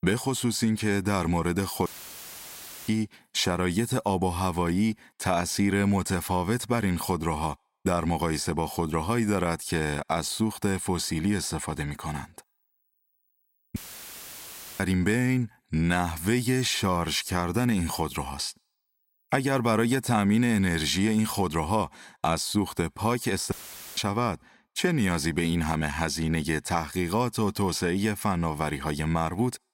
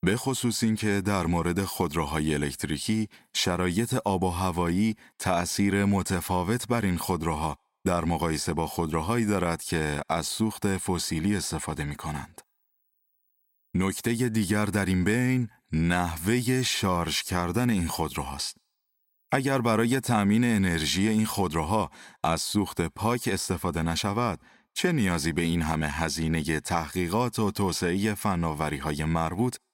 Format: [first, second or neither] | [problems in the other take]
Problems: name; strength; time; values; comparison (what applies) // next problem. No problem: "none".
second | audio cutting out; filled with static; at 2 s for 1 s, at 14 s for 1 s and at 24 s